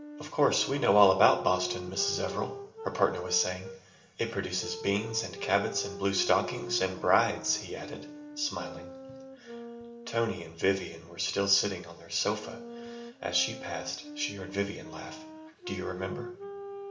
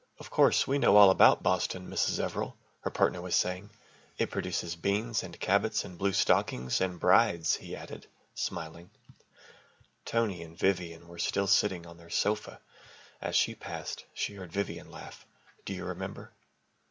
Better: second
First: background sound (Wind instrument, woodwind instrument); 12 dB below the speech // room echo; dies away in 0.8 s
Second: none

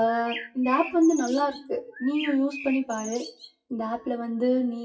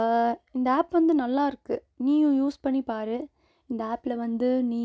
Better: second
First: noise reduction (classical method WPE with log-MMSE)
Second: none

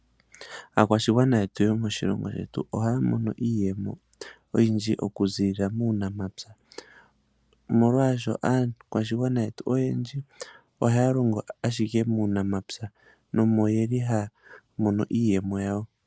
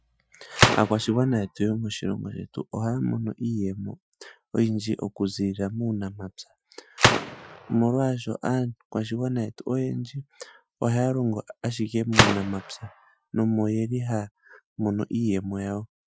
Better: first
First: none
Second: noise reduction (classical method Wiener filter)

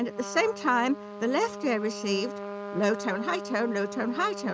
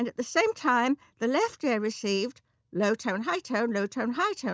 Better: second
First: background sound (Trumpet); 9 dB below the speech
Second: none

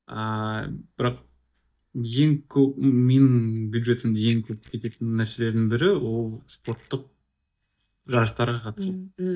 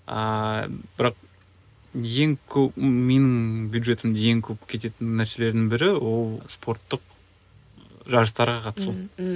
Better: second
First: noise reduction (neural mask model DeepFilterNet 3)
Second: none

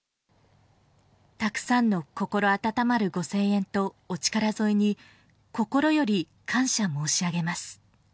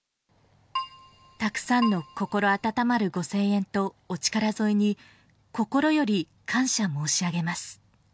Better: first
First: none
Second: background sound (Keyboard (musical)); 10 dB below the speech

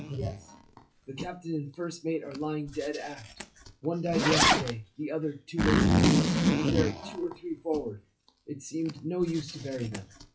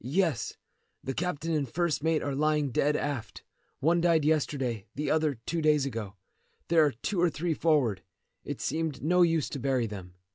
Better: second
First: noise reduction (classical method WPE with log-MMSE)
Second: none

